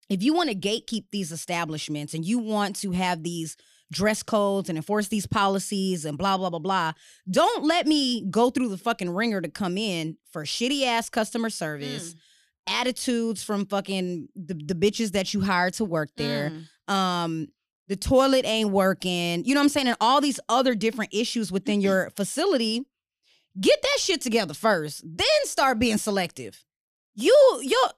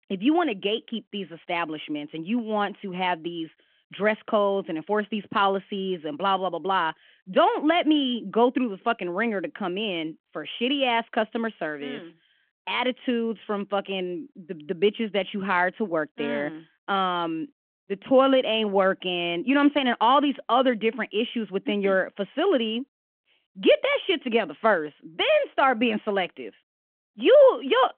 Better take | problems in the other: first | phone-call audio

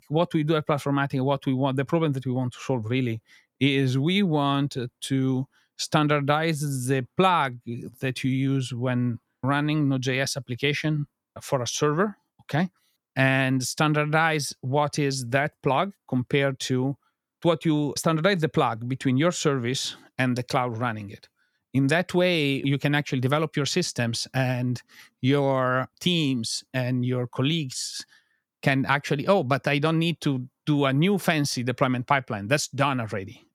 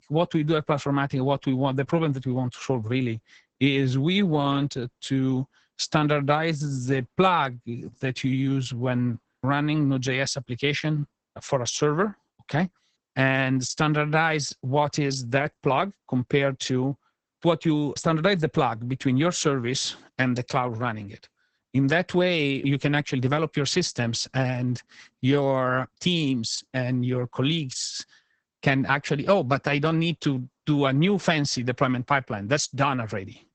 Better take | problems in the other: first | garbled, watery; badly; nothing above 8 kHz

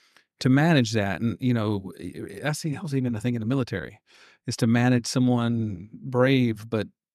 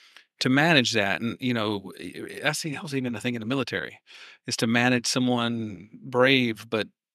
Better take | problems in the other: first | thin; very slightly; fading below 400 Hz

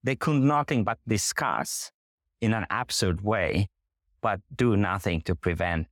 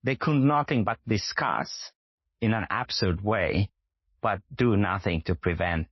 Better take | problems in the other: first | garbled, watery; slightly; nothing above 5.5 kHz

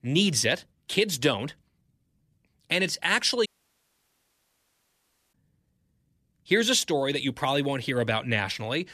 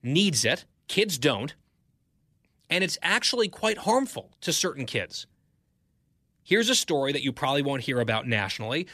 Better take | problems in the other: second | audio cutting out; at 3.5 s for 2 s

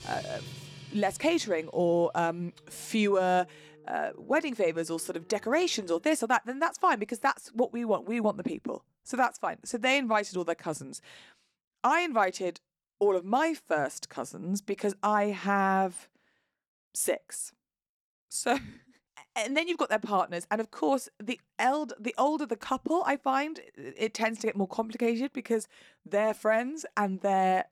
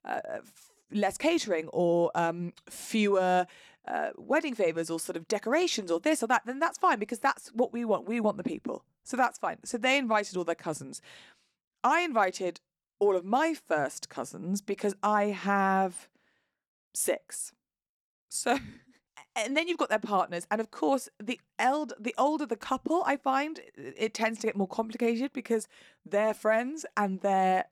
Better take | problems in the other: second | background music; faint; until 6 s; 20 dB below the speech

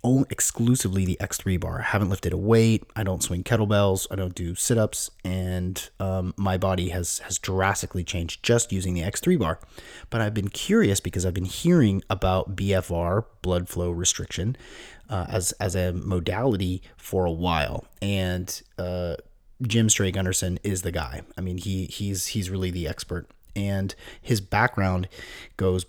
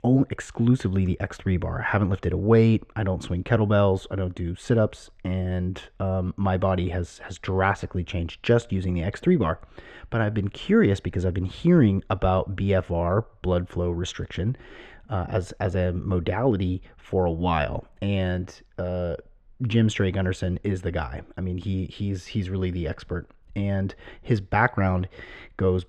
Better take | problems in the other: first | muffled; very; fading above 2.5 kHz

